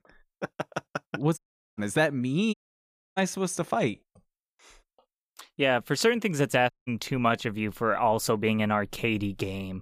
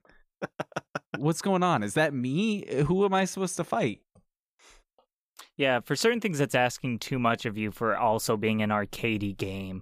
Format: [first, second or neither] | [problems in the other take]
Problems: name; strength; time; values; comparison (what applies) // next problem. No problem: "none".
second | audio cutting out; at 1.5 s, at 2.5 s for 0.5 s and at 6.5 s